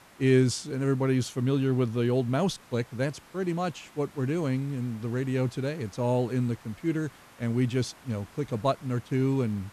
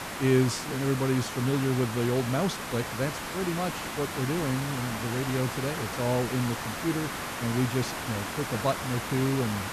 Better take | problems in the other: first | hiss; loud; throughout; 4 dB below the speech; faint in the first

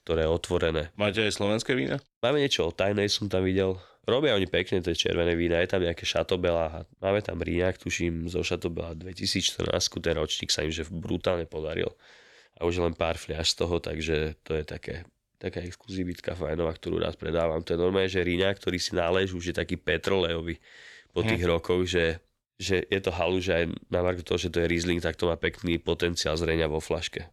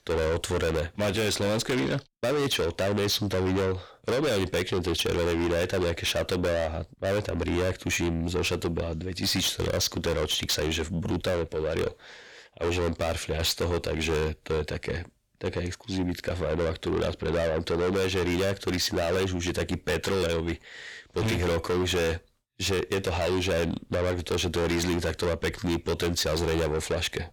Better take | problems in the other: first | distortion; heavy; 5 dB below the speech

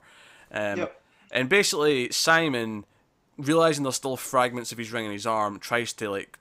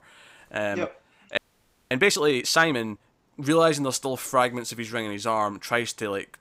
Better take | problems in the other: first | audio freezing; at 1.5 s for 0.5 s

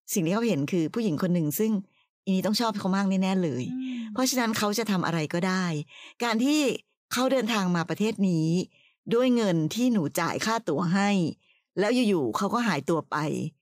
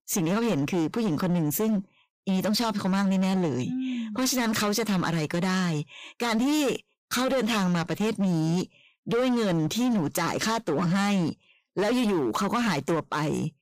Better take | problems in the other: first | distortion; slight; 21% of the sound clipped

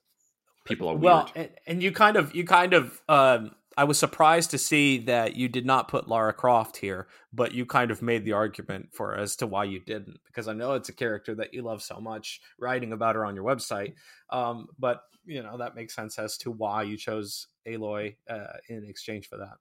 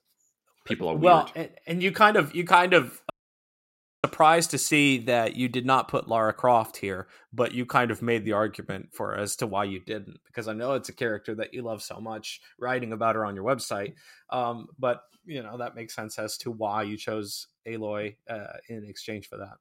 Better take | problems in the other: first | audio cutting out; at 3 s for 1 s

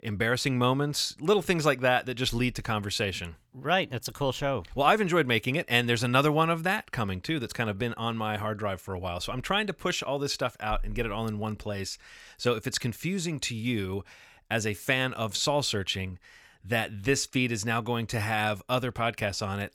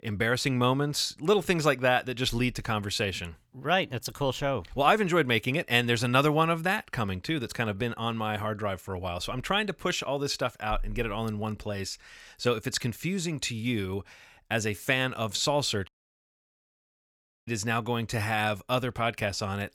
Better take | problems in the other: first | audio cutting out; at 16 s for 1.5 s

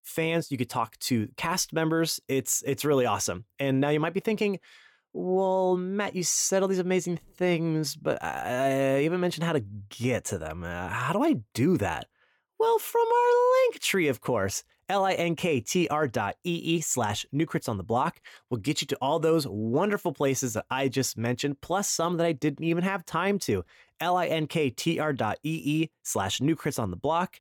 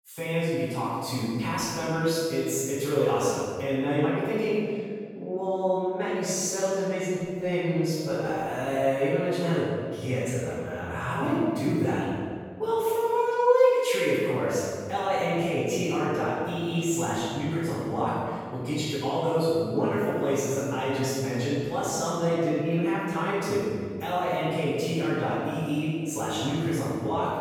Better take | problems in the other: first | off-mic speech; far // room echo; strong; dies away in 1.7 s

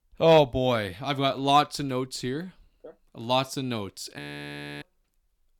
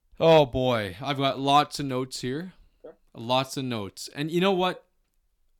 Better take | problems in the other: second | audio freezing; at 4 s for 0.5 s

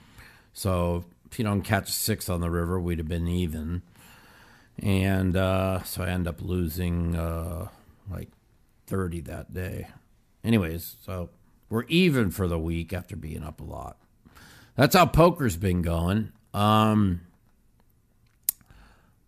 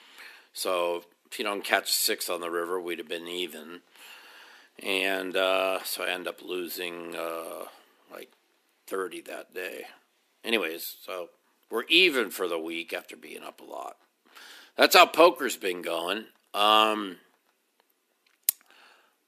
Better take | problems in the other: first | thin; very; fading below 300 Hz

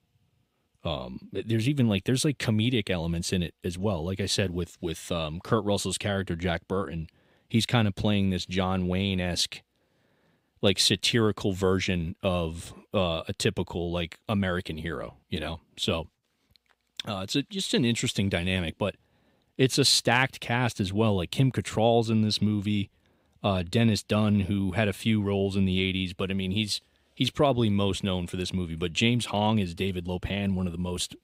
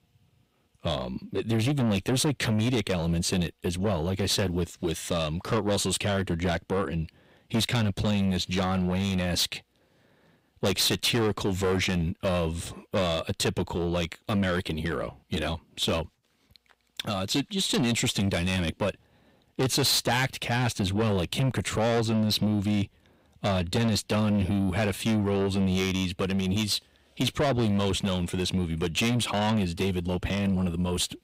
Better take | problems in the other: first | distortion; heavy; 6 dB below the speech

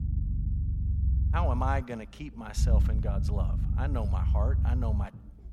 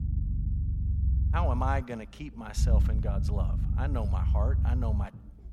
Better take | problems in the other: neither | low rumble; loud; throughout; 8 dB below the speech; the same in both

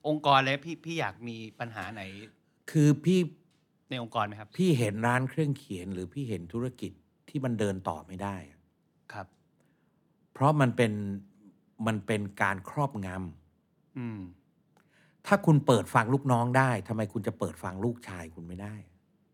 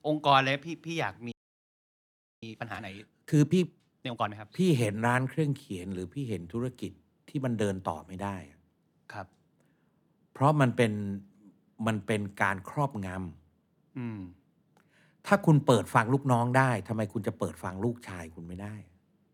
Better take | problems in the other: first | audio freezing; at 1.5 s for 1 s

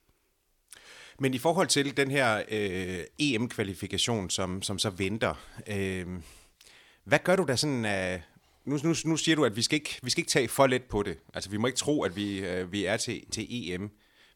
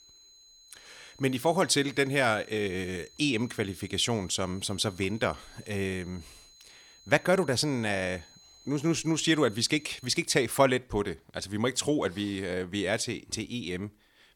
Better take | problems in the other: first | high-pitched whine; faint; until 10 s; 4 kHz, 25 dB below the speech

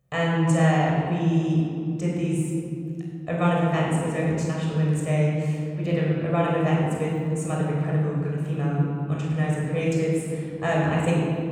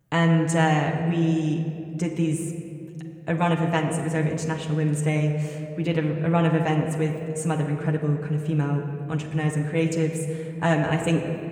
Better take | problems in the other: second | room echo; strong; dies away in 2.8 s; slight in the second // off-mic speech; far; somewhat distant in the second

